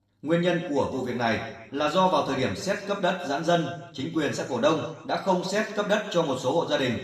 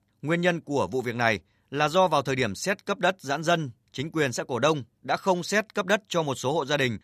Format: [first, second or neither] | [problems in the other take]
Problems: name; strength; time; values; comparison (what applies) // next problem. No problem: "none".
second | room echo; noticeable; dies away in 0.9 s // off-mic speech; far